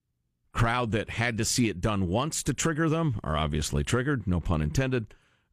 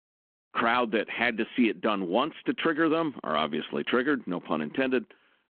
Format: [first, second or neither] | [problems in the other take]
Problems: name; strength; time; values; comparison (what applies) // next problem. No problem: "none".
first | phone-call audio